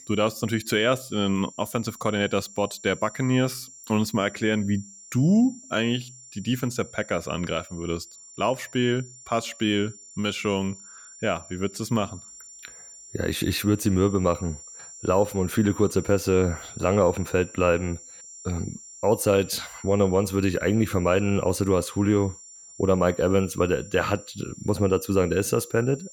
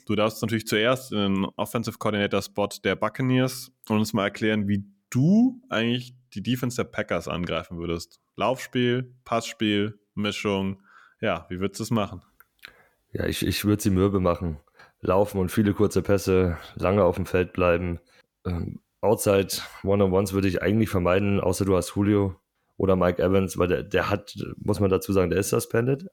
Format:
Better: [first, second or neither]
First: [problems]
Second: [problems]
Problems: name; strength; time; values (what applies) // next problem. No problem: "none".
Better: second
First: high-pitched whine; noticeable; throughout; 7 kHz, 20 dB below the speech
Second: none